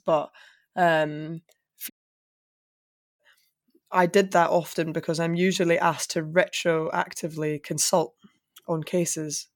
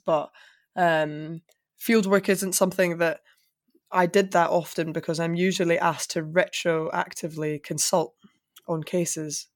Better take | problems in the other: second | audio cutting out; at 2 s for 1.5 s

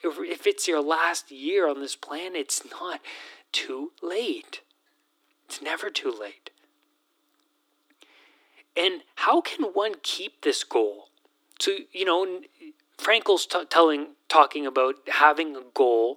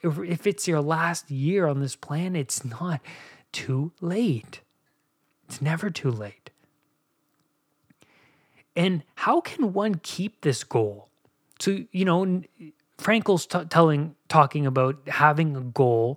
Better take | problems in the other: second | thin; very; fading below 300 Hz

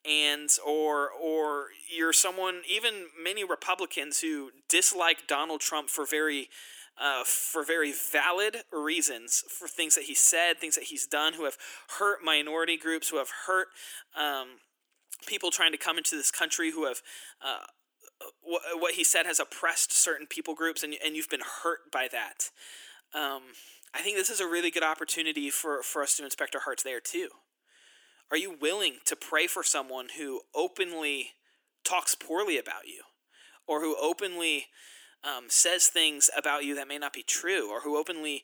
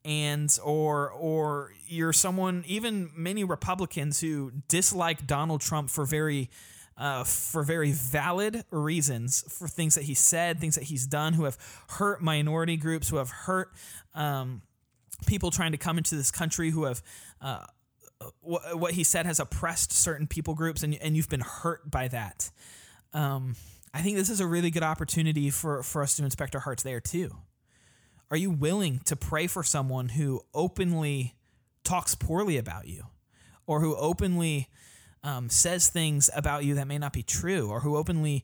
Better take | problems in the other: second | thin; very; fading below 300 Hz

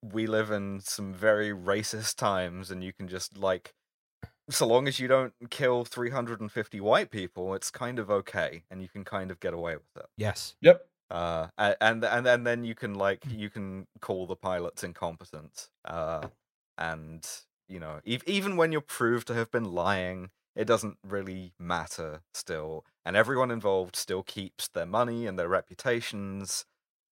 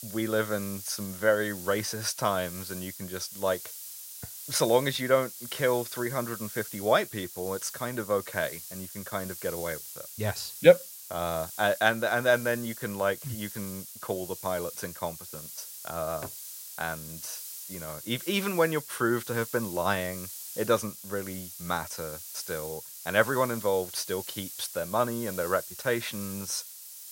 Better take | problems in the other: first | hiss; noticeable; throughout; 10 dB below the speech

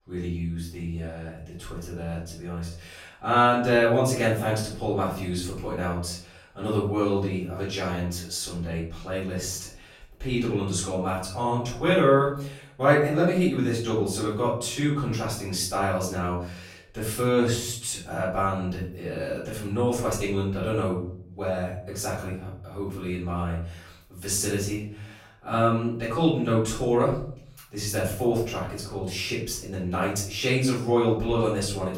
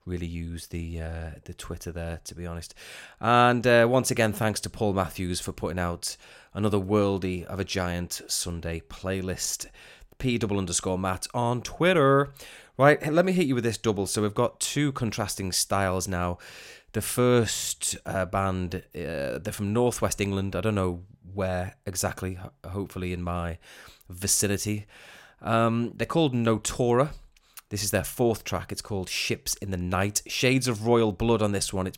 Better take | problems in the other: second | off-mic speech; far // room echo; noticeable; dies away in 0.5 s

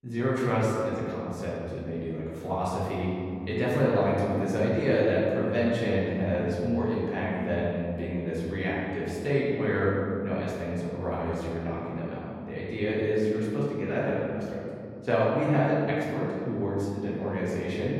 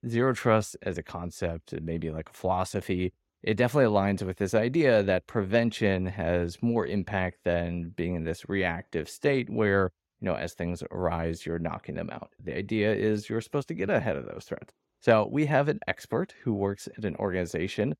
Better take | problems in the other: second | room echo; noticeable; dies away in 2.3 s // off-mic speech; far

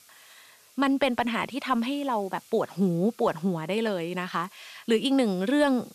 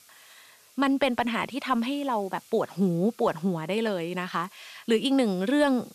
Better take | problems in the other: neither | hiss; faint; throughout; 25 dB below the speech; the same in both

